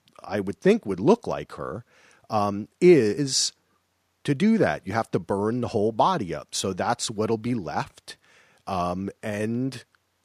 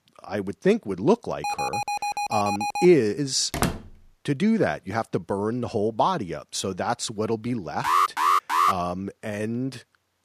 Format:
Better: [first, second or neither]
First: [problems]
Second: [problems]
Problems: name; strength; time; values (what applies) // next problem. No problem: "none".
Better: first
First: none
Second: alarm; noticeable; from 1.5 to 3 s; peak 2 dB below the speech // door banging; noticeable; at 3.5 s; peak 2 dB below the speech // alarm; loud; at 8 s; peak 5 dB above the speech